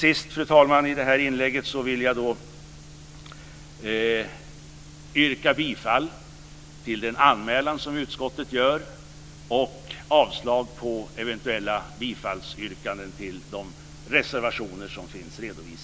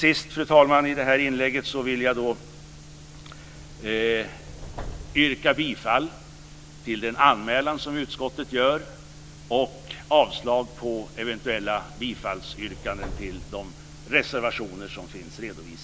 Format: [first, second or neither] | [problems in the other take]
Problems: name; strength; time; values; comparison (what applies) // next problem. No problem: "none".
first | background sound (Subway, metro, underground); 16 dB below the speech